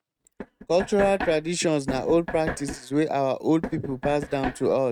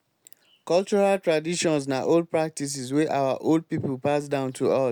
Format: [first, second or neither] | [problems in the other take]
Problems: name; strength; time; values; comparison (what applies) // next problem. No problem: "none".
second | noise reduction (neural mask model RNNoise)